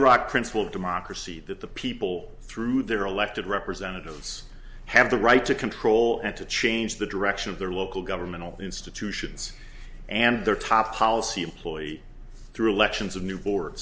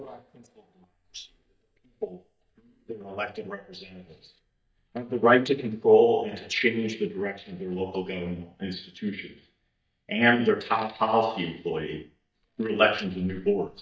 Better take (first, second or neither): first